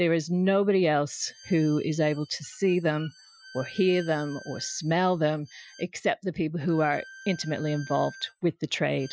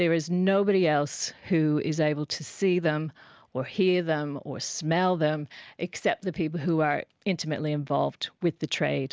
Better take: second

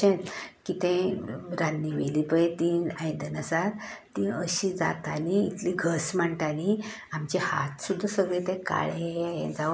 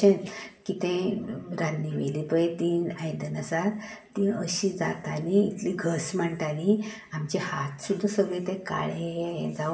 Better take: first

